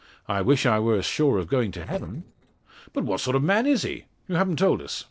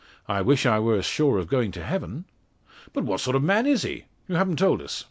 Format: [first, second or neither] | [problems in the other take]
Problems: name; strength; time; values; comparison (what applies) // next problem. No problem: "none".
second | noise reduction (neural separator model SepFormer DNS4)